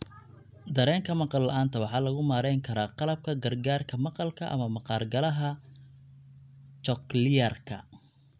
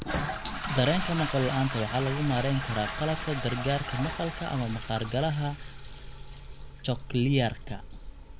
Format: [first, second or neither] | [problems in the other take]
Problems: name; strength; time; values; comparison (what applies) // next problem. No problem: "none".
first | background sound (Toilet flush); 6 dB below the speech